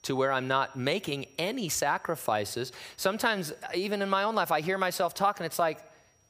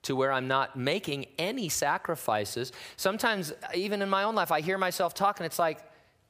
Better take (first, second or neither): second